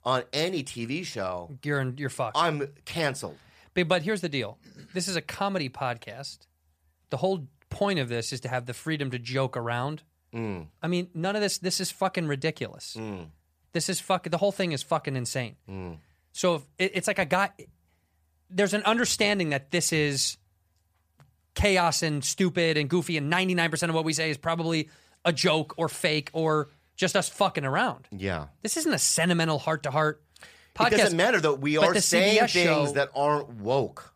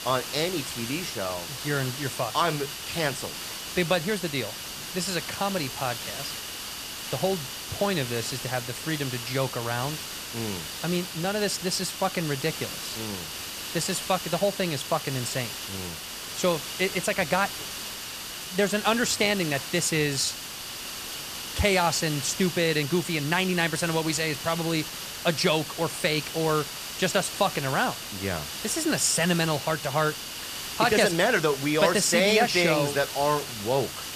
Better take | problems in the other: first | hiss; loud; throughout; 7 dB below the speech

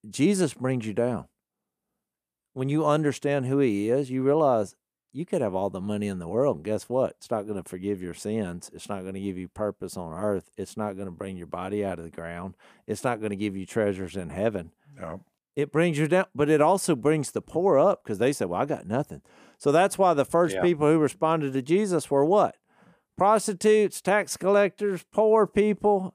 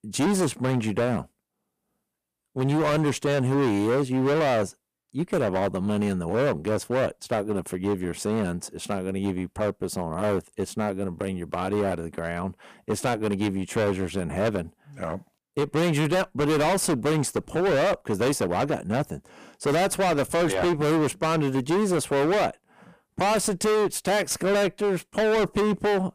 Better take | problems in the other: first | distortion; heavy; 22% of the sound clipped

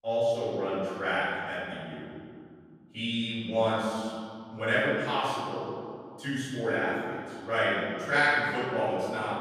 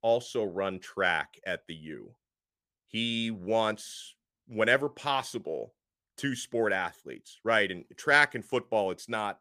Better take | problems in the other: second | room echo; strong; dies away in 2.4 s // off-mic speech; far

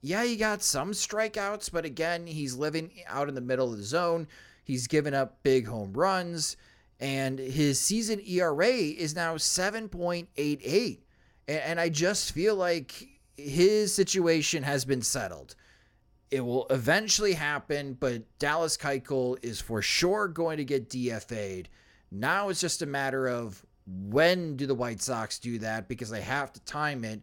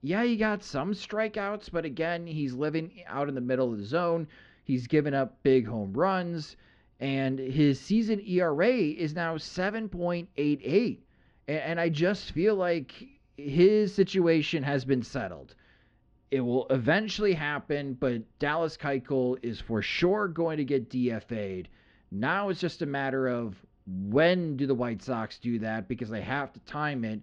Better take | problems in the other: first | muffled; slightly; fading above 3.5 kHz

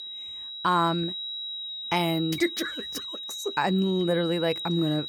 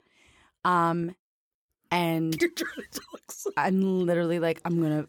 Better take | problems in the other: second | high-pitched whine; loud; throughout; 4 kHz, 6 dB below the speech

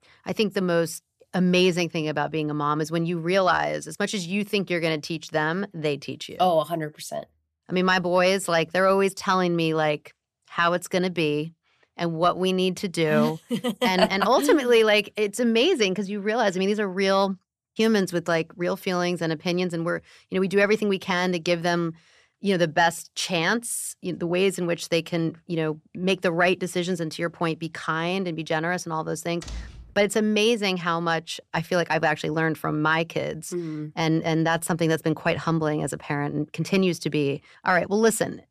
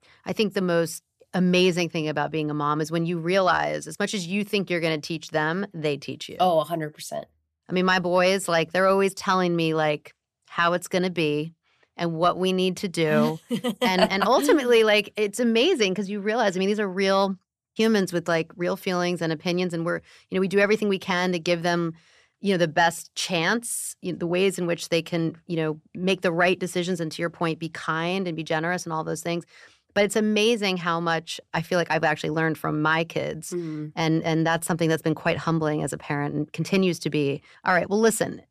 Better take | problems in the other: second | door banging; faint; at 29 s; peak 15 dB below the speech

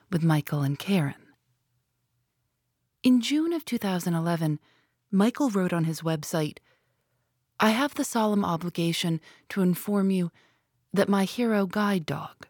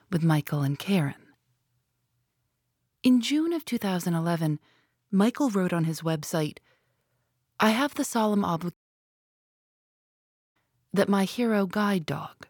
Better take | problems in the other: first | audio cutting out; at 8.5 s for 2 s

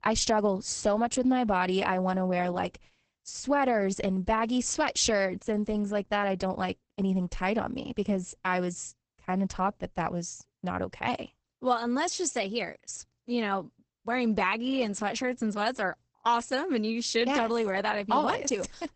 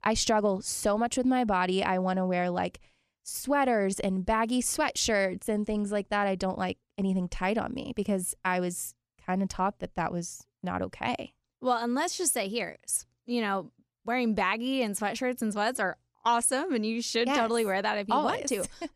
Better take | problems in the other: second | garbled, watery; badly; nothing above 8 kHz

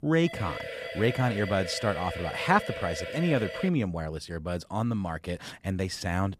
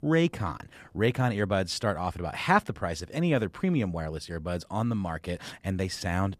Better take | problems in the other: second | siren; noticeable; until 3.5 s; peak 7 dB below the speech

